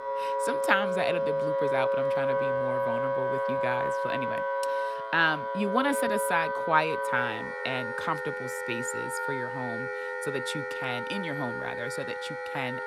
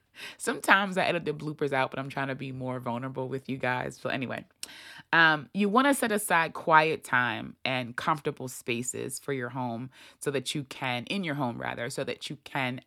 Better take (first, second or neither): second